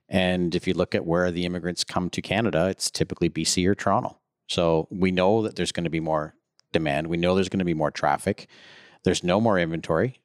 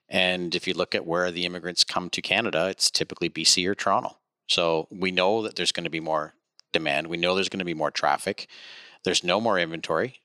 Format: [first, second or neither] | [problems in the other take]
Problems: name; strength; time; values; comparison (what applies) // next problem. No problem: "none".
first | thin; very slightly; fading below 450 Hz